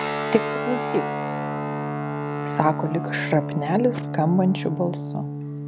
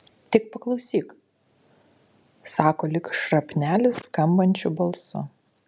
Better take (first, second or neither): second